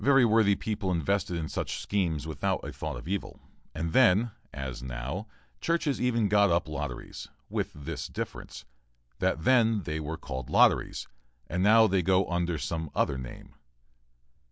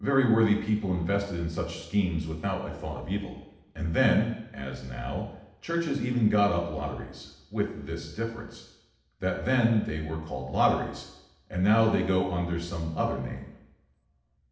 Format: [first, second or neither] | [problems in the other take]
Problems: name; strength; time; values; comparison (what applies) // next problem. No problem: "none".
first | room echo; dies away in 0.8 s